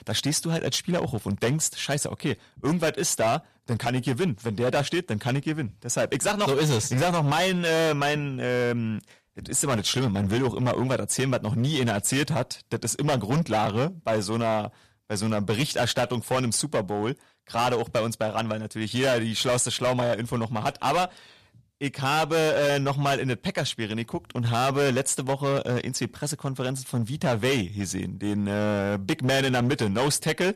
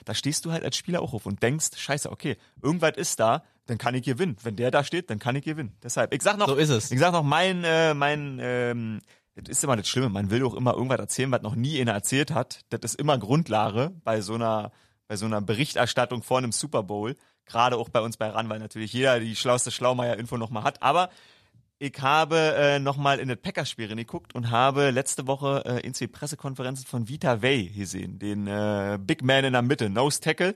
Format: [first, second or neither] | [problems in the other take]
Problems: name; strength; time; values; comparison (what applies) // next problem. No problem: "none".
second | distortion; heavy; 13% of the sound clipped